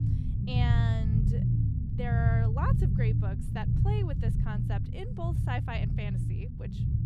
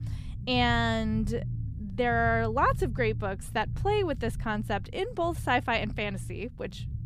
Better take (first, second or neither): second